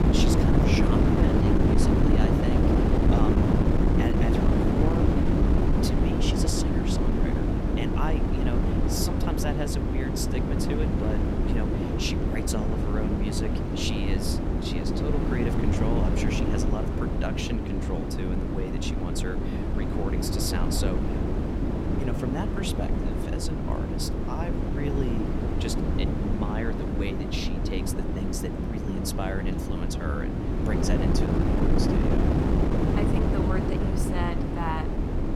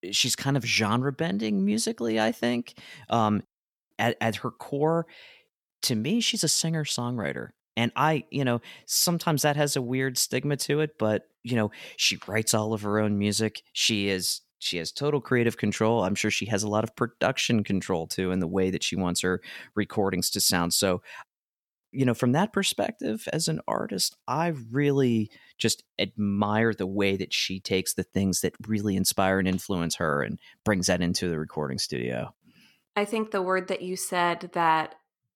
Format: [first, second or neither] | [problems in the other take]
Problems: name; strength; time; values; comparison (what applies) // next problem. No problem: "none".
second | wind noise on the microphone; heavy; 4 dB above the speech